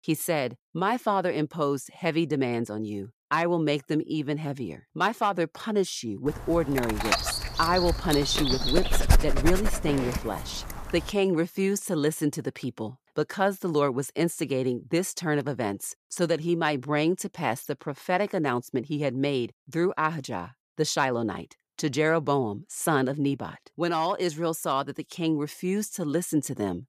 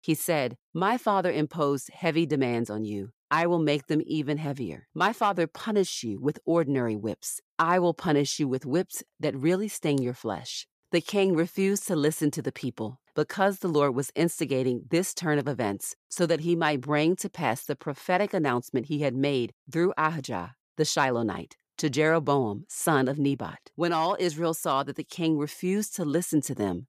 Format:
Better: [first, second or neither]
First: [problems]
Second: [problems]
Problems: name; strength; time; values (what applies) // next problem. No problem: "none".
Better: second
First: dog barking; loud; from 7 to 10 s; peak 4 dB above the speech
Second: none